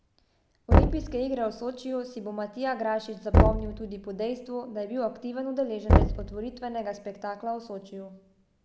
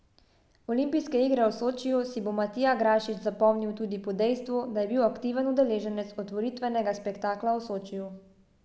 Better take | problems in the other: second | background sound (Knock); 5 dB above the speech

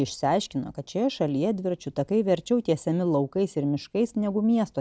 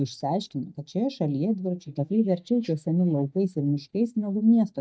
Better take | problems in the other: first | noise reduction (neural mask model DeepFilterNet 3)

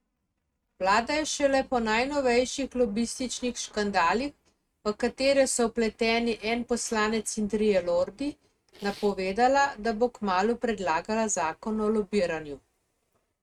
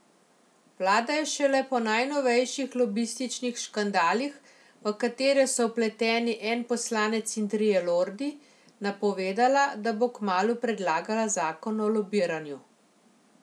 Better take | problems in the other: second | noise reduction (neural mask model RNNoise)

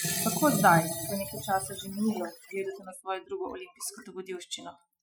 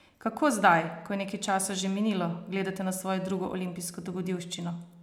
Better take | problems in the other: second | noise reduction (classical method Wiener filter)

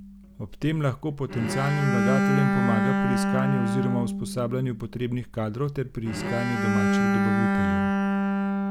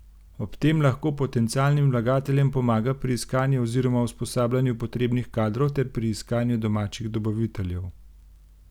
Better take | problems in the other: second | background sound (Bowed string instrument); 3 dB above the speech

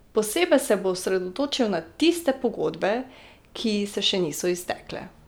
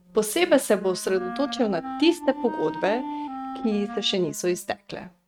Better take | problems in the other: first | noise reduction (neural mask model RNNoise)

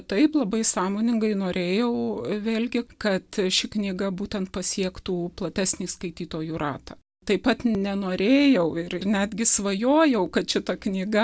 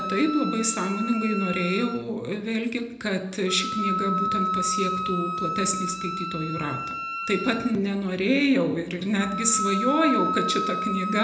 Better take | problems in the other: first | background sound (Wind instrument, woodwind instrument); 4 dB below the speech // room echo; dies away in 0.8 s

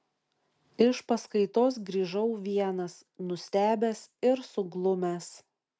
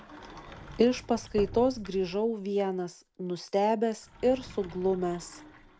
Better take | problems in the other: first | background sound (Sliding door); 17 dB below the speech

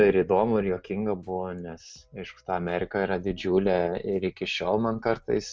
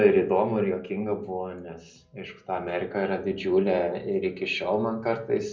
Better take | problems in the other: first | room echo; dies away in 0.5 s

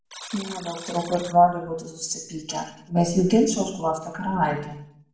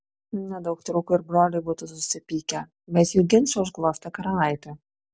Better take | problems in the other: second | background sound (Alarm); 18 dB below the speech // room echo; dies away in 0.7 s

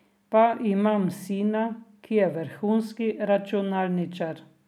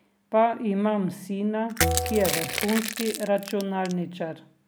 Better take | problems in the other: first | background sound (Bell + Crushing); 3 dB below the speech

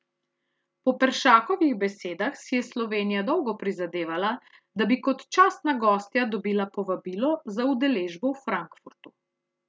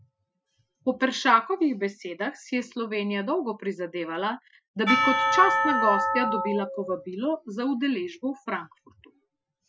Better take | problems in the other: first | noise reduction (classical method Wiener filter)

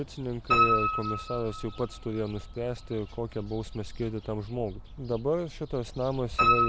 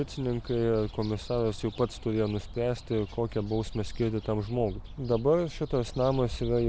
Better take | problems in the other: second | background sound (Piano); as loud as the speech

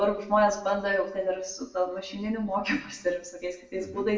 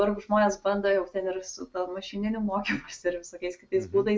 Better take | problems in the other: second | room echo; dies away in 0.6 s

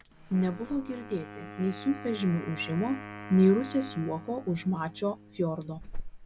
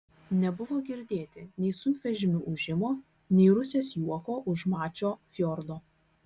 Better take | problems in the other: second | background sound (Alarm / Insect + Wind instrument, woodwind instrument); 12 dB below the speech

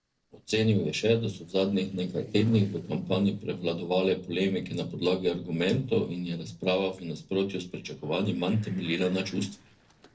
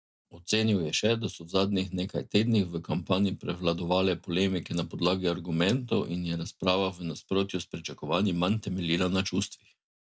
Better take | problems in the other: second | noise reduction (neural separator model SepFormer DNS4)

